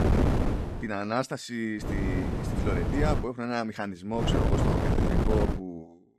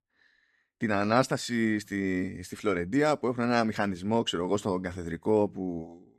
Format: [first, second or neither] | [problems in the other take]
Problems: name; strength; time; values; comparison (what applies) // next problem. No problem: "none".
second | wind noise on the microphone; heavy; at the start, from 2 to 3 s and from 4 to 5.5 s; 1 dB below the speech